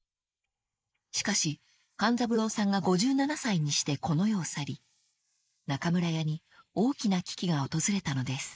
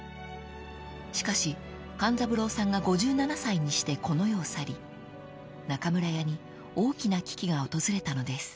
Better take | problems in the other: second | noise reduction (neural mask model Resemble Enhance denoiser)

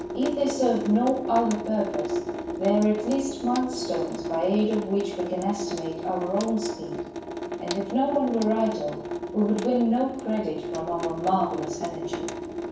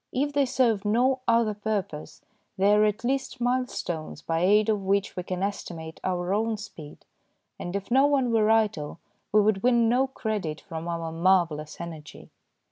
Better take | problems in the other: second | background sound (Drip / Sink (filling or washing) / Water tap, faucet); 6 dB below the speech // room echo; dies away in 0.7 s

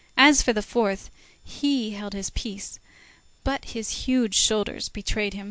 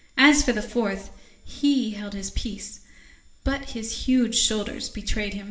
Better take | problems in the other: first | room echo; dies away in 0.6 s

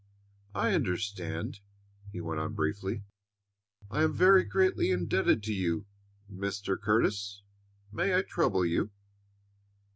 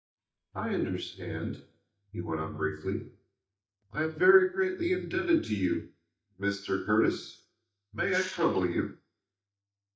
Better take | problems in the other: first | noise reduction (neural mask model DeepFilterNet 3)

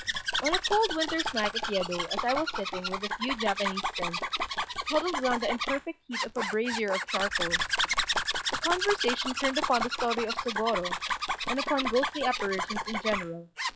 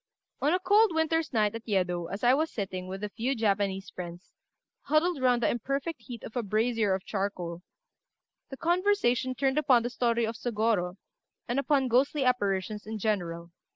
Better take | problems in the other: second | noise reduction (classical method log-MMSE)

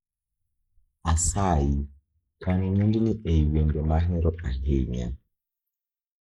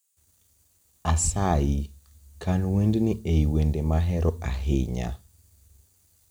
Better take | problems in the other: second | noise reduction (neural mask model Resemble Enhance denoiser)

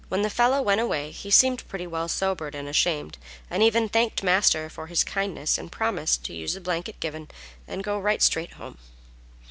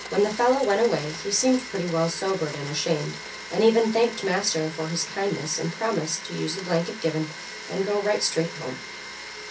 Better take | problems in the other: first | background sound (Domestic sounds, home sounds); 12 dB below the speech // room echo; dies away in 0.3 s

